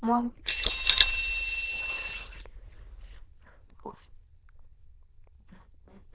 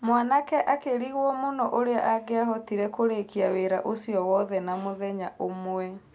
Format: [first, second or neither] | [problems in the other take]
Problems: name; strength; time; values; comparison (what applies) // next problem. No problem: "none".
second | noise reduction (neural diffusion model UNIVERSE++)